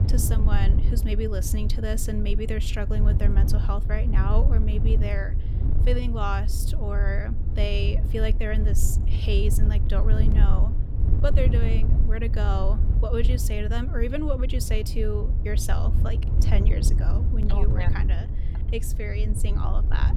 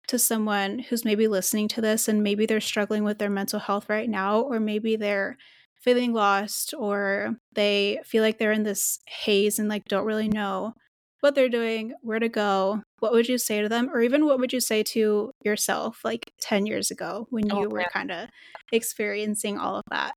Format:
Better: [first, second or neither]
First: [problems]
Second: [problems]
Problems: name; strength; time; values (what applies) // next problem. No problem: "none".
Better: second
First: wind noise on the microphone; heavy; 7 dB below the speech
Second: none